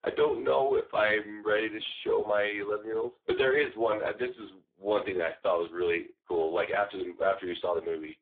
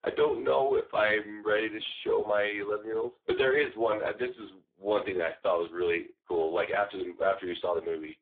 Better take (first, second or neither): neither